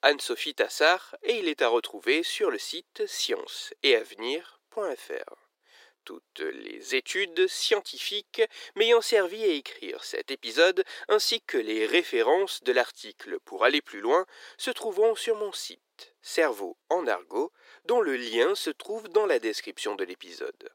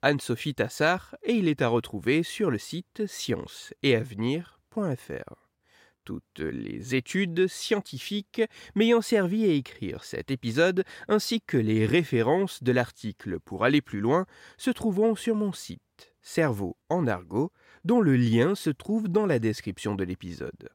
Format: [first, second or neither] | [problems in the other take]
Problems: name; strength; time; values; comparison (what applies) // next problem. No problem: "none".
second | thin; very; fading below 350 Hz